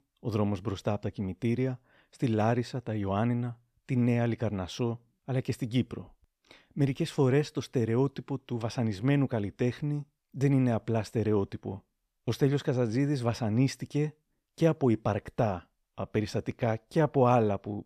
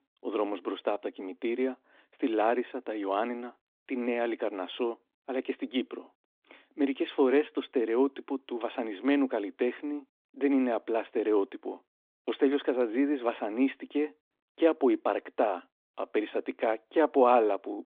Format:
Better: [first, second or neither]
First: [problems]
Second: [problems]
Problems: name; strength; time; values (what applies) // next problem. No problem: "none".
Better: first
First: none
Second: phone-call audio